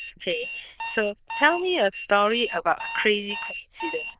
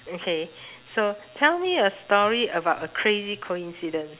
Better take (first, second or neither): second